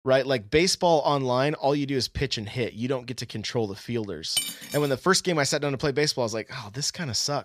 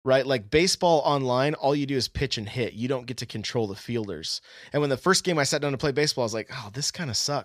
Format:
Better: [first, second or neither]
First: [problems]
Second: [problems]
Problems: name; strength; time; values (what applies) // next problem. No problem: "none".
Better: second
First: clattering dishes; noticeable; at 4.5 s; peak 2 dB below the speech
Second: none